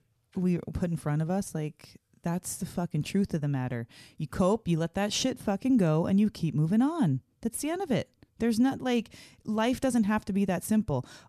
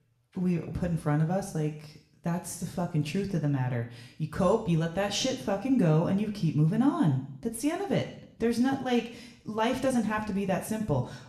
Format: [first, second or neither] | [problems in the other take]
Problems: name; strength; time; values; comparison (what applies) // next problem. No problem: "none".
first | room echo; slight; dies away in 0.6 s // off-mic speech; somewhat distant